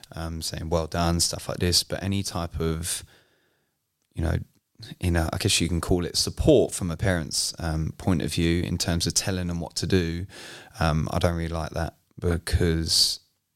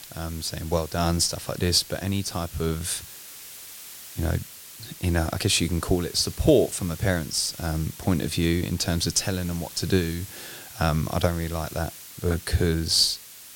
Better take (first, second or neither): first